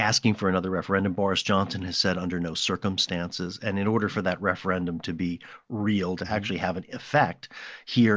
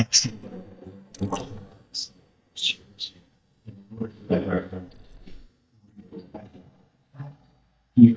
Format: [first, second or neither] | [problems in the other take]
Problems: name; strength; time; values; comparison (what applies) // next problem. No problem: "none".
first | noise reduction (neural mask model DeepFilterNet 3)